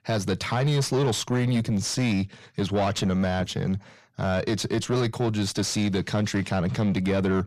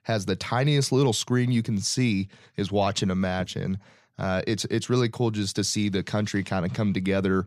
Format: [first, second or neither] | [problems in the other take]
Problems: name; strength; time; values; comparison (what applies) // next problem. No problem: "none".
second | distortion; slight; 10 dB below the speech